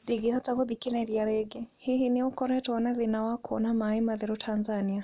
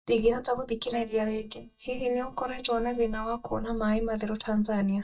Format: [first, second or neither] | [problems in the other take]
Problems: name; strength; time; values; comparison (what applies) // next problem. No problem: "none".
first | noise reduction (neural mask model DeepFilterNet 3)